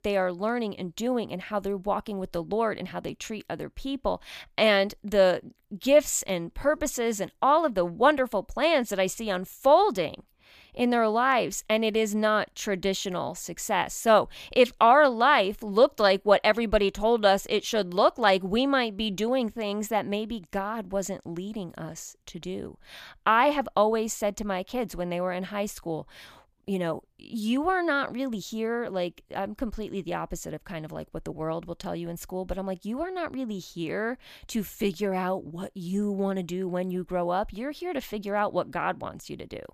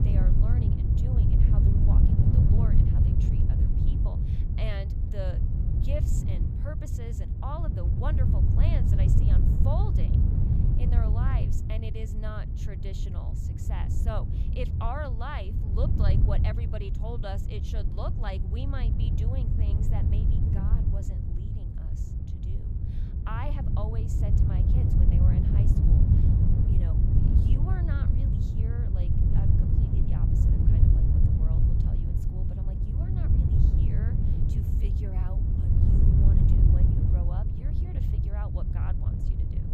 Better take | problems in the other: first | wind noise on the microphone; heavy; 2 dB above the speech

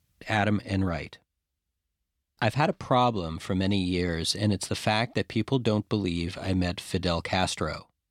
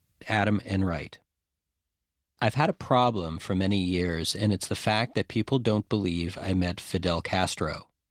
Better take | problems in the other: first | garbled, watery; slightly; nothing above 17.5 kHz

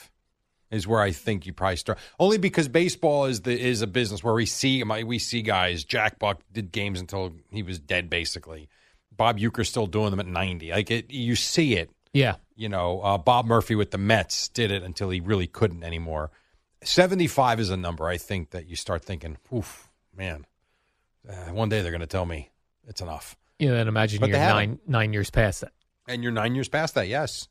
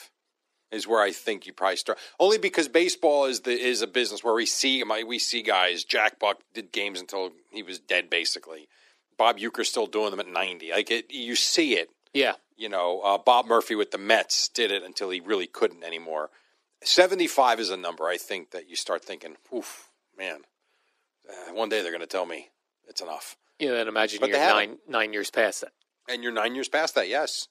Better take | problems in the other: first | thin; somewhat; fading below 300 Hz

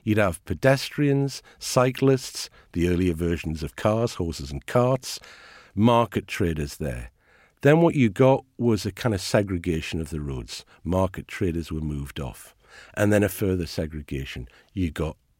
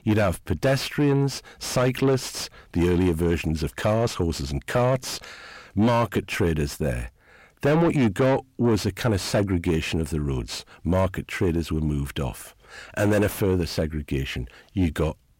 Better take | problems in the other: first | distortion; heavy; 7 dB below the speech

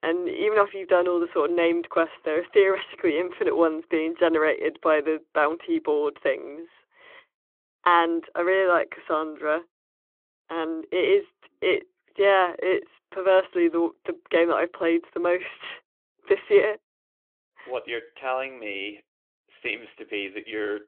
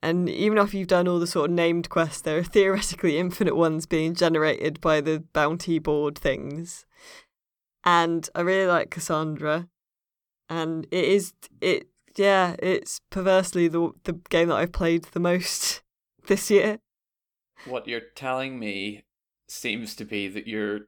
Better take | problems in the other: second | phone-call audio

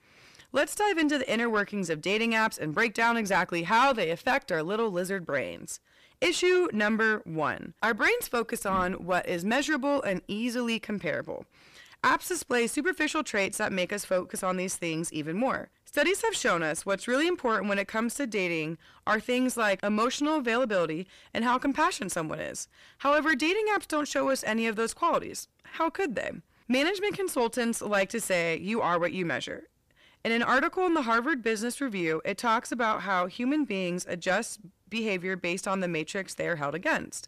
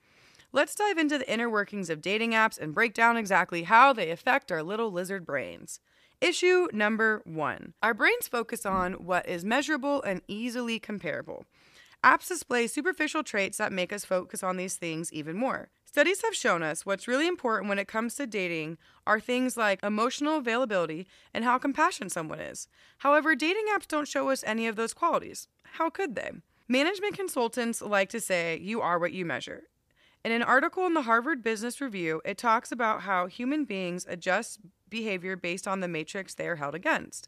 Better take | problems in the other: second | distortion; slight; 10 dB below the speech

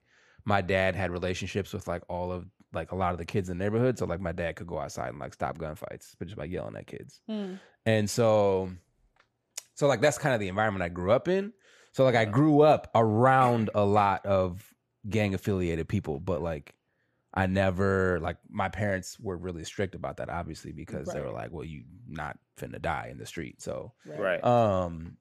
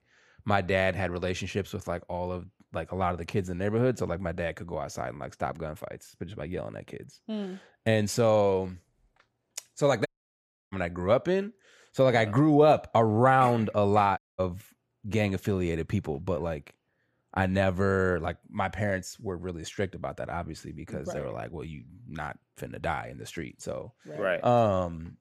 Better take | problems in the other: first | audio cutting out; at 10 s for 0.5 s and at 14 s

